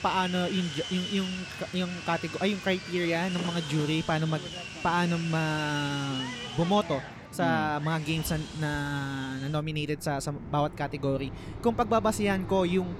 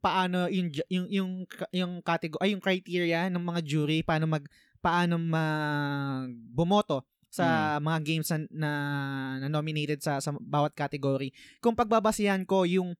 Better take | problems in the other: second | machinery noise; loud; throughout; 9 dB below the speech

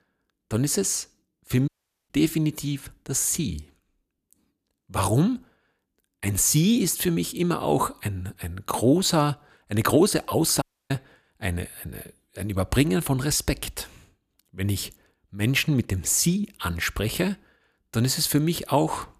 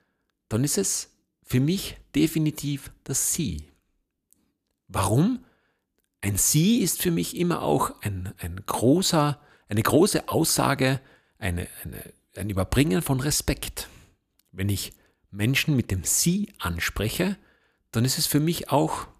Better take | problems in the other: second | audio cutting out; at 1.5 s and at 11 s

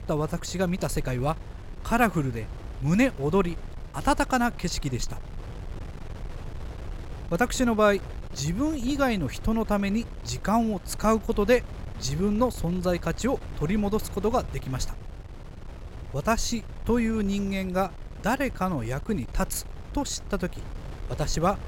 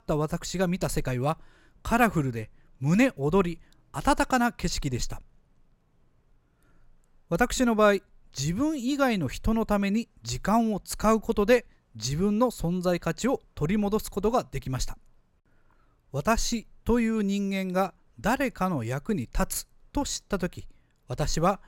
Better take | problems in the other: second | wind noise on the microphone; occasional gusts; 20 dB below the speech

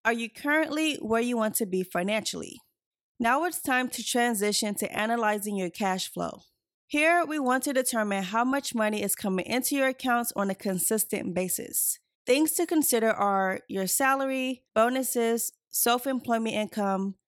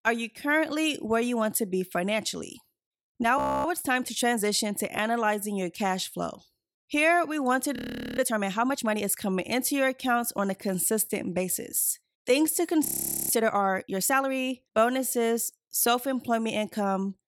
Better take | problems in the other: first | audio freezing; at 3.5 s, at 8 s and at 13 s

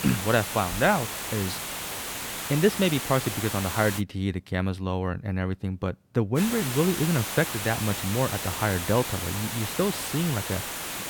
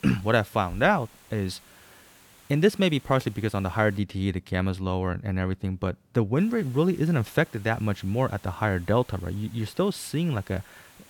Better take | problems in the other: second | hiss; loud; until 4 s and from 6.5 s on; 4 dB below the speech; faint in the second

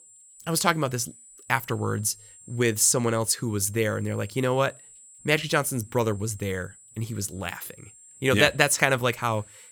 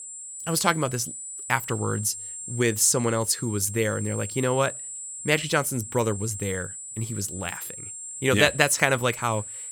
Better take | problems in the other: first | high-pitched whine; loud; throughout; 7.5 kHz, 10 dB below the speech; faint in the first

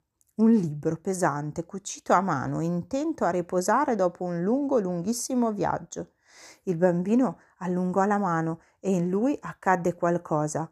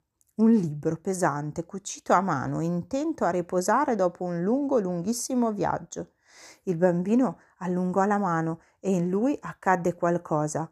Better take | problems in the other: neither | none

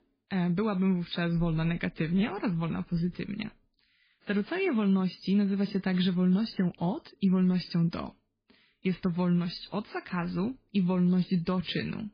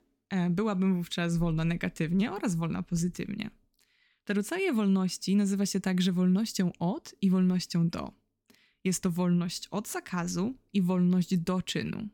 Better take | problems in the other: second | garbled, watery; badly; nothing above 5 kHz

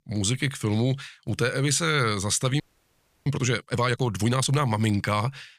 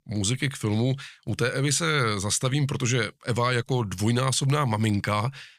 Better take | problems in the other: second | audio freezing; at 2.5 s for 0.5 s

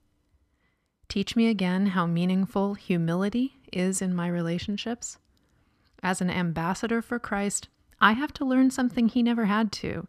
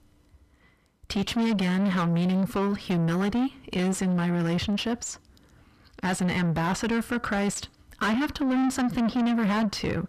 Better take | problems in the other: first | distortion; heavy; 6 dB below the speech

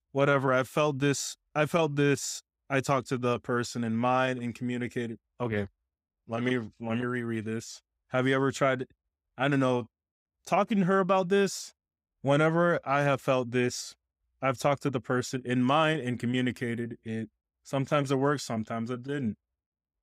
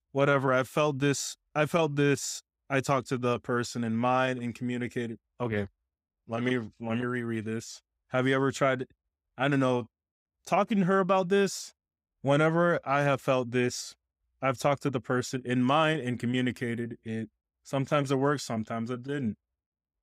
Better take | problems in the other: neither | none

